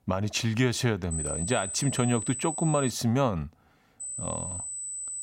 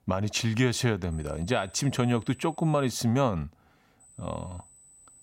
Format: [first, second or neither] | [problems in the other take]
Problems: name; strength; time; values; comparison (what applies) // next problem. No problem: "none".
second | high-pitched whine; loud; from 1 to 3 s and from 4 s on; 8 kHz, 5 dB below the speech; faint in the second